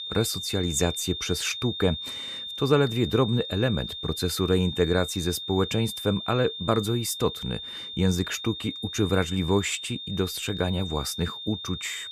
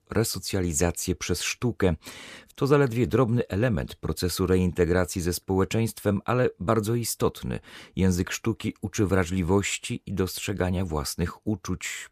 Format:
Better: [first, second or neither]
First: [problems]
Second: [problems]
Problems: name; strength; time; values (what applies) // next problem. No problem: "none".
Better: second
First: high-pitched whine; loud; throughout; 3.5 kHz, 7 dB below the speech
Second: none